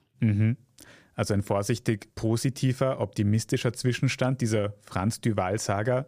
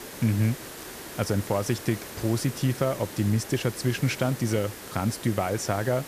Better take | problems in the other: first | hiss; noticeable; throughout; 10 dB below the speech

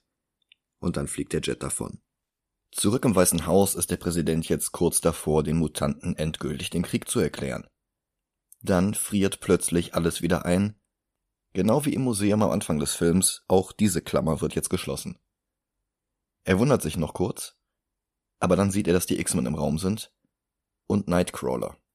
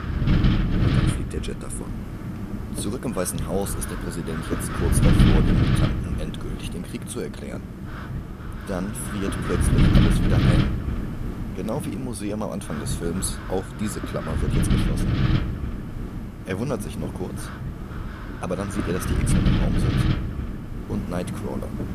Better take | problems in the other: first | wind noise on the microphone; heavy; 1 dB above the speech

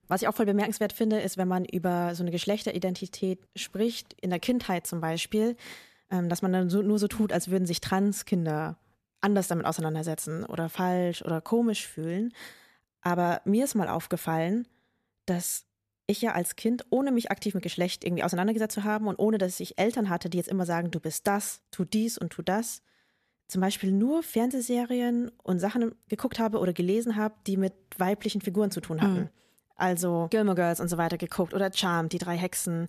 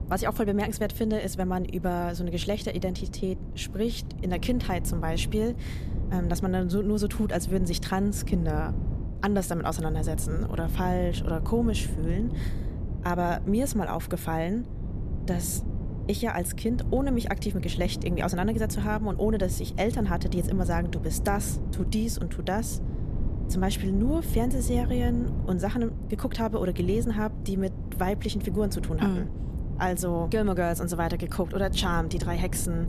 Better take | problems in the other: first | wind noise on the microphone; occasional gusts; 15 dB below the speech

